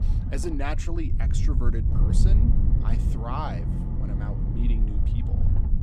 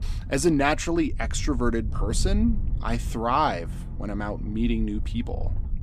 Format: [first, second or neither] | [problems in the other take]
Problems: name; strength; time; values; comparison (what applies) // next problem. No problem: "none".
second | low rumble; loud; throughout; 3 dB below the speech; faint in the second